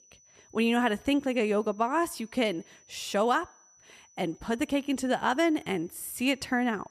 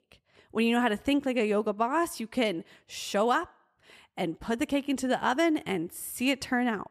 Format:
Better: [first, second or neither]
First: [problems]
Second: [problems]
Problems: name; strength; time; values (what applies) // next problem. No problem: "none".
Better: second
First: high-pitched whine; faint; throughout; 6 kHz, 30 dB below the speech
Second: none